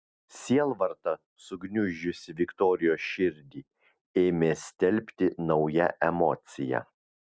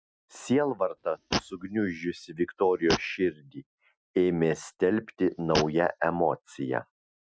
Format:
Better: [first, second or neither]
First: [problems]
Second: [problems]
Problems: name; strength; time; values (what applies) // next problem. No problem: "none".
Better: first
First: none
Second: noise reduction (classical method Wiener filter)